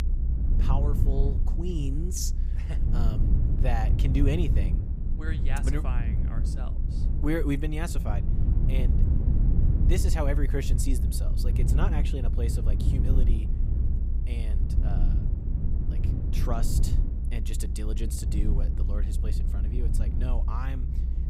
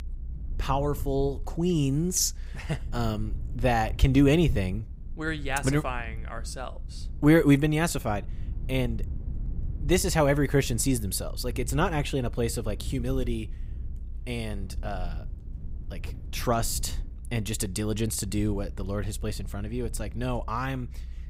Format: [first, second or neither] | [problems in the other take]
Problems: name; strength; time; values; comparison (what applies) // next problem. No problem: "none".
second | low rumble; loud; throughout; 5 dB below the speech; faint in the second